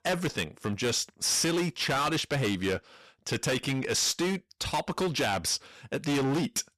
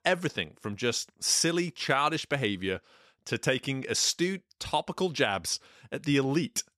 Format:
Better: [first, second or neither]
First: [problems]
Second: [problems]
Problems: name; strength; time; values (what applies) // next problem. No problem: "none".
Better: second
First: distortion; heavy; 20% of the sound clipped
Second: none